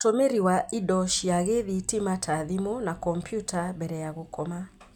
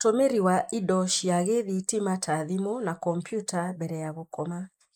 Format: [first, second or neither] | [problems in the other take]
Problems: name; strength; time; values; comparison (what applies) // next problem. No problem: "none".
first | noise reduction (neural mask model Resemble Enhance denoiser)